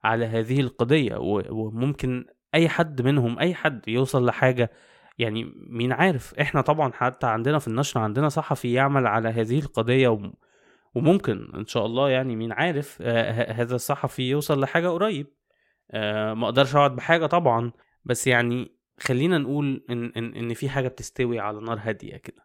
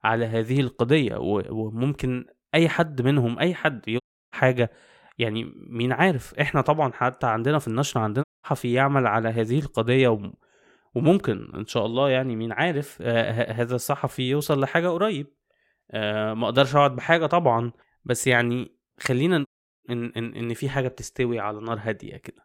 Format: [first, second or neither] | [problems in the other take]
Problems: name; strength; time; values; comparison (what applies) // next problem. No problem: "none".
first | audio cutting out; at 4 s, at 8 s and at 19 s